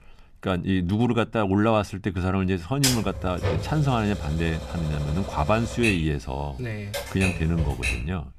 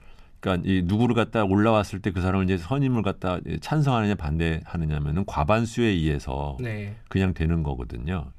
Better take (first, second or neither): second